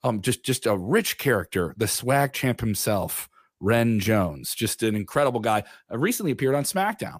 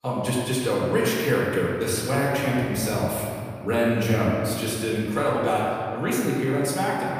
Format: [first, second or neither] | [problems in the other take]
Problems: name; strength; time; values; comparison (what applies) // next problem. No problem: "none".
first | room echo; noticeable; dies away in 2.2 s // off-mic speech; far